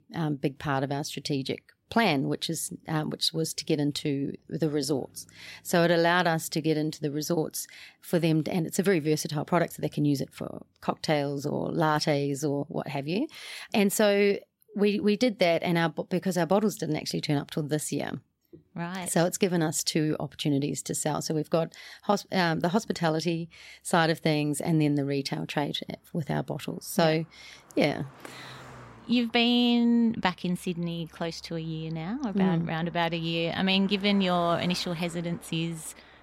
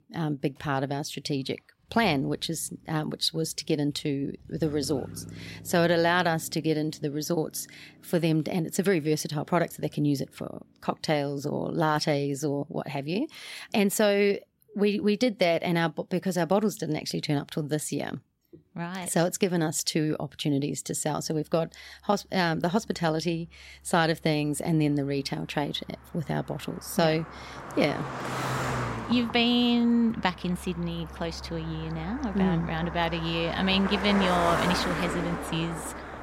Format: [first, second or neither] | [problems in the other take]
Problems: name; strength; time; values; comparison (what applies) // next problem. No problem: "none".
first | traffic noise; loud; throughout; 8 dB below the speech; faint in the first